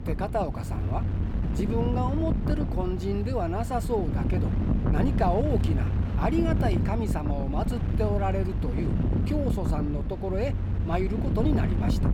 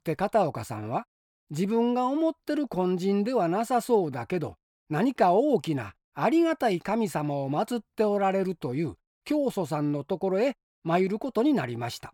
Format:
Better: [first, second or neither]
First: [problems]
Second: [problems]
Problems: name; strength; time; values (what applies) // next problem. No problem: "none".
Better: second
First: wind noise on the microphone; heavy; 6 dB below the speech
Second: none